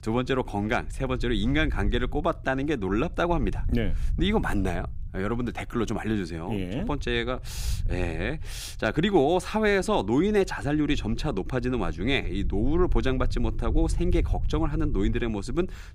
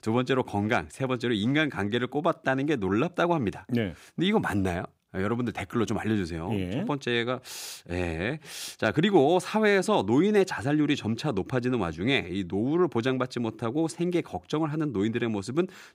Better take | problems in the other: second | low rumble; faint; throughout; 25 dB below the speech

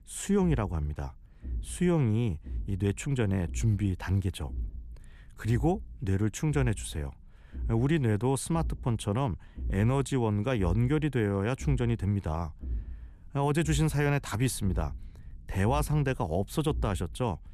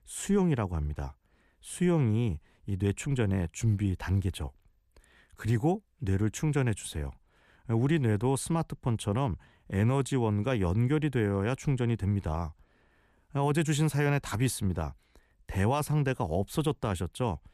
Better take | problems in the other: second | low rumble; faint; throughout; 25 dB below the speech

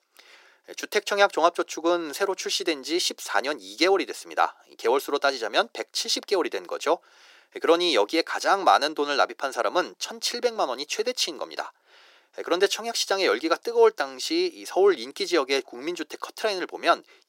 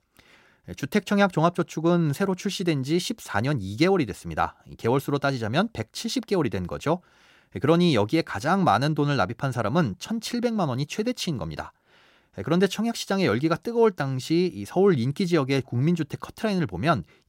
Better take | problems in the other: second | thin; very; fading below 350 Hz

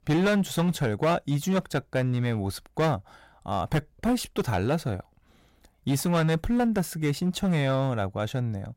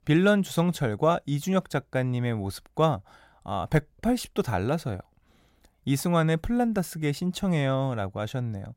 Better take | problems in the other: second | distortion; slight; 9% of the sound clipped

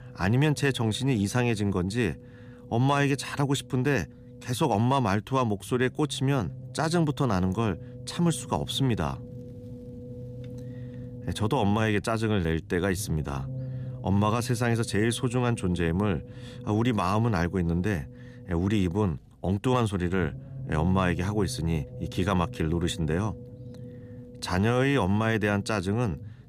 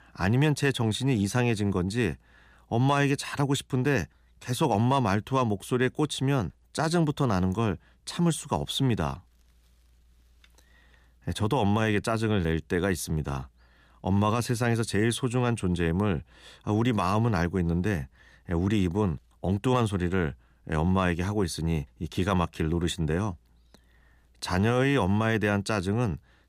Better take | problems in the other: second | low rumble; noticeable; throughout; 20 dB below the speech

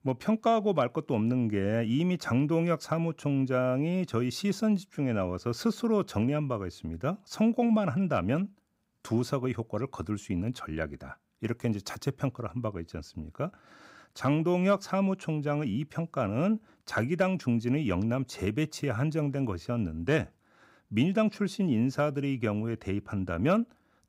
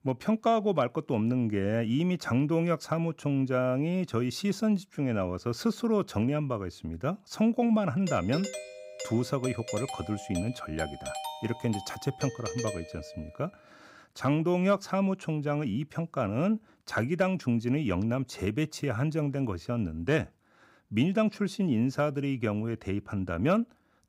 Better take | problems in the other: first | doorbell; noticeable; from 8 to 13 s; peak 7 dB below the speech

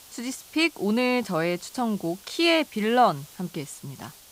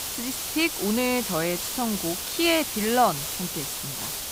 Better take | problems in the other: first | hiss; loud; throughout; 3 dB below the speech; faint in the first

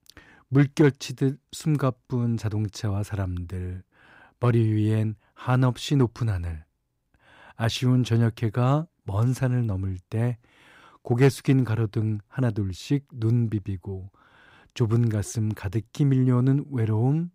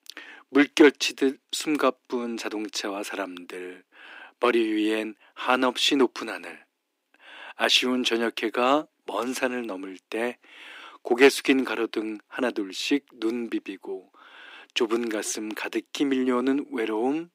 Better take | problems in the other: first | thin; somewhat; fading below 300 Hz

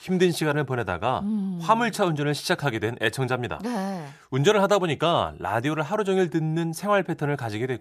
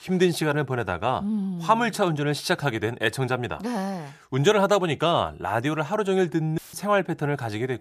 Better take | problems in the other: first | audio cutting out; filled with static; at 6.5 s

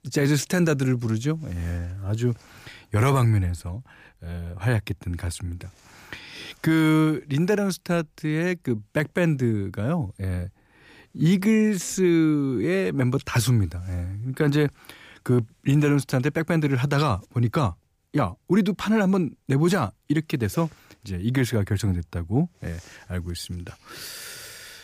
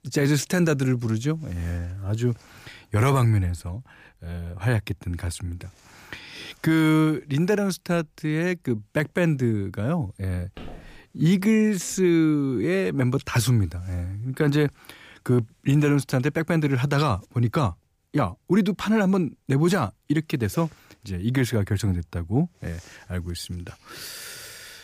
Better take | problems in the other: first | footsteps; faint; at 11 s; peak 20 dB below the speech

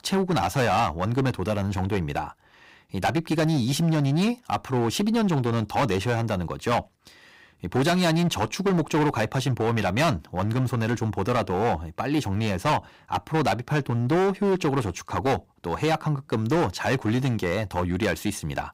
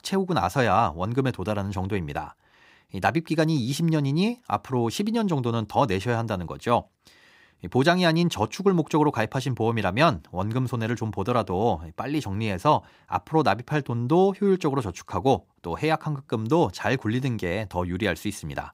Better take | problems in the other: second | distortion; heavy; 13% of the sound clipped

